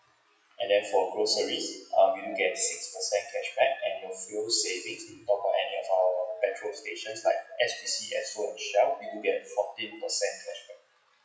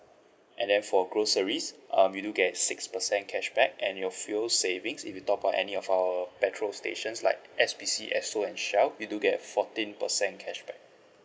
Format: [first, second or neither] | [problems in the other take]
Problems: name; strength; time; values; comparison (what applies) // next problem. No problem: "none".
second | noise reduction (classical method WPE with log-MMSE)